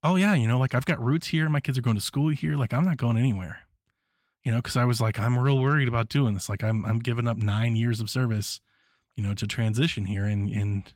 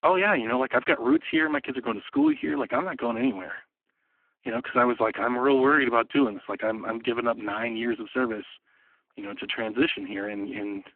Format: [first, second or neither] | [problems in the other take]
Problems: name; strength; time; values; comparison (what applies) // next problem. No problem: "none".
first | phone-call audio; poor line